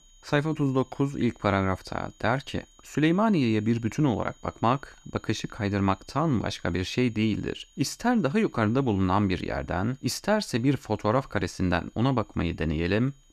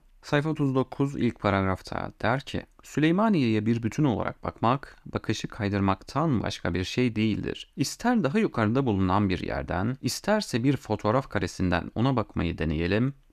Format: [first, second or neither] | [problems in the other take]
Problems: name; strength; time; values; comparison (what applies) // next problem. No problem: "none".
second | high-pitched whine; faint; throughout; 6.5 kHz, 30 dB below the speech